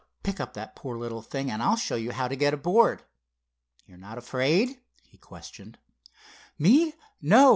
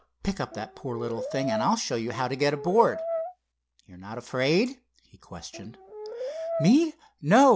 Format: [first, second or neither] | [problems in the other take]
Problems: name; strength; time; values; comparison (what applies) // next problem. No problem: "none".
first | background sound (Brass instrument); 8 dB below the speech